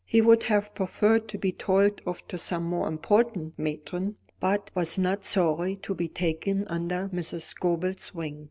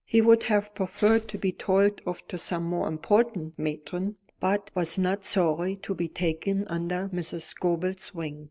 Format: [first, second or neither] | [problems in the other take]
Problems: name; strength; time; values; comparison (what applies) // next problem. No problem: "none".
first | noise reduction (neural mask model Resemble Enhance denoiser)